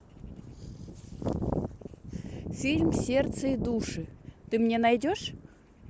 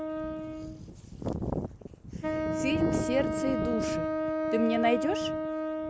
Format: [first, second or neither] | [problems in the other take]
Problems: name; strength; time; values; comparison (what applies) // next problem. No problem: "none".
first | background sound (Wind instrument, woodwind instrument); 1 dB below the speech